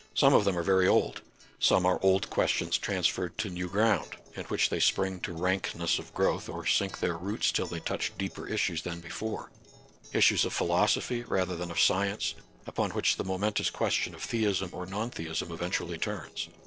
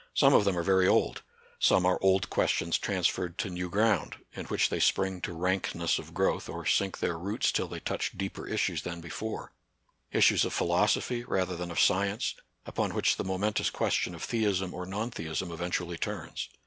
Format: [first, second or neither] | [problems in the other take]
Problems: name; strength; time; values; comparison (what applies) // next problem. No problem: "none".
second | noise reduction (neural separator model SepFormer DNS4)